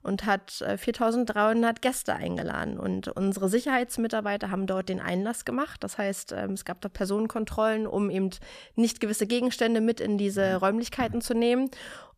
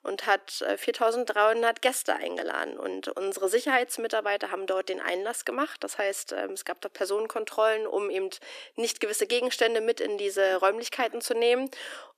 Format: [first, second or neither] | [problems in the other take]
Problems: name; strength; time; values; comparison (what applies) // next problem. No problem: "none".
first | thin; very; fading below 300 Hz